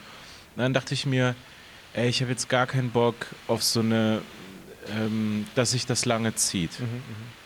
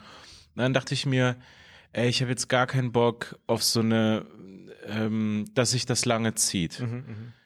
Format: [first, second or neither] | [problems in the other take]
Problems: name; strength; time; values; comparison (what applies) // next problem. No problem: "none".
second | hiss; noticeable; throughout; 20 dB below the speech